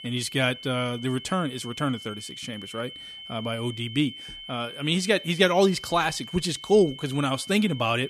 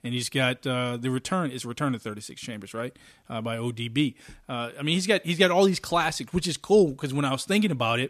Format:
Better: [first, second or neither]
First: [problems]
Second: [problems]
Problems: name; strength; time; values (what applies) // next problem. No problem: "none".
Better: second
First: high-pitched whine; noticeable; throughout; 3 kHz, 15 dB below the speech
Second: none